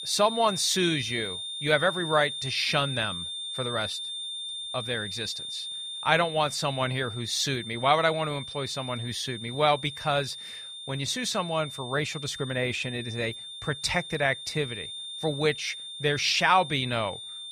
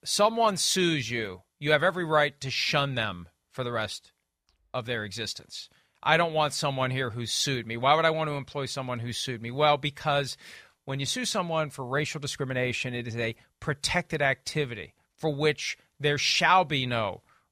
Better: second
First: high-pitched whine; loud; throughout; 3.5 kHz, 7 dB below the speech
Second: none

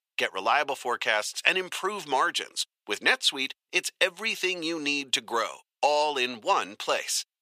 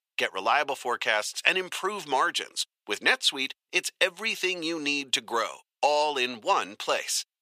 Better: neither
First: thin; somewhat; fading below 550 Hz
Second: thin; somewhat; fading below 550 Hz

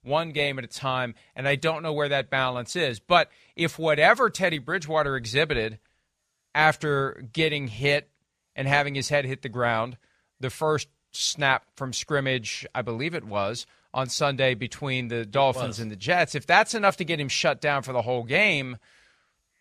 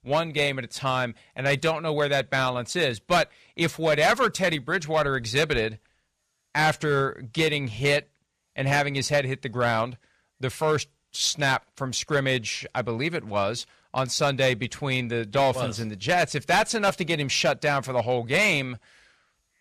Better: first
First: none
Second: distortion; slight; 4% of the sound clipped

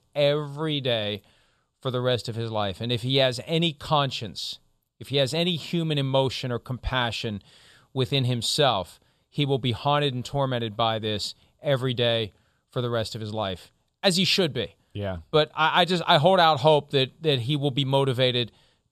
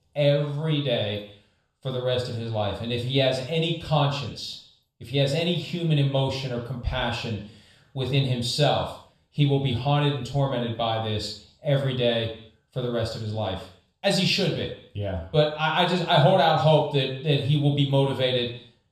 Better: first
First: none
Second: room echo; slight; dies away in 0.5 s // off-mic speech; somewhat distant

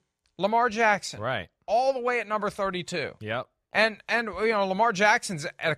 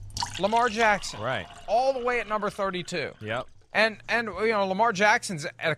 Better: first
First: none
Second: household noises; noticeable; throughout; 15 dB below the speech

